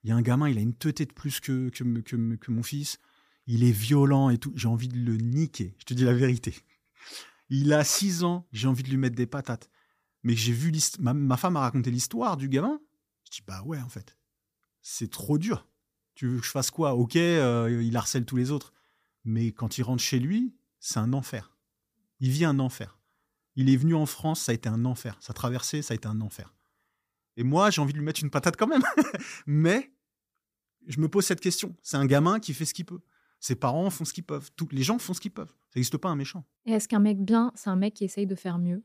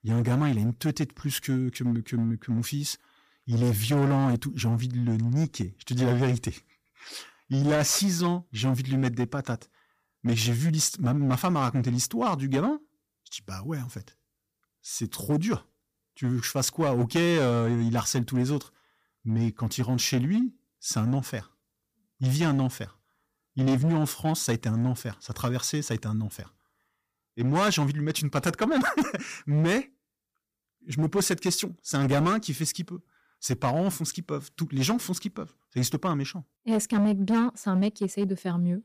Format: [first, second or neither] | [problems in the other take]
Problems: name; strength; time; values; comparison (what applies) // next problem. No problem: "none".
first | distortion; slight; 8% of the sound clipped